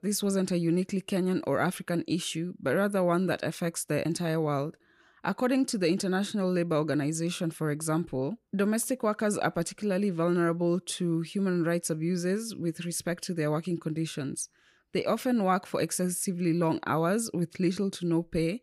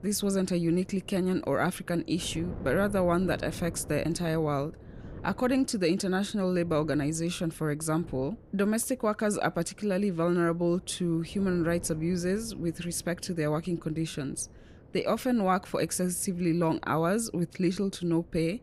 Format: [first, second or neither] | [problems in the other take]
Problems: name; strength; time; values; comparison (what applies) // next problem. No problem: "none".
first | wind noise on the microphone; occasional gusts; 20 dB below the speech